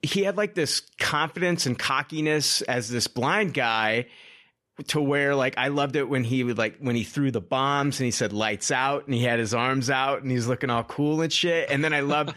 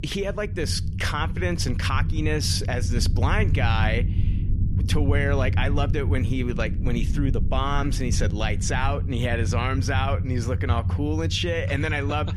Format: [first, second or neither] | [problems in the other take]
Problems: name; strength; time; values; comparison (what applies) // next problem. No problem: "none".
first | low rumble; noticeable; throughout; 10 dB below the speech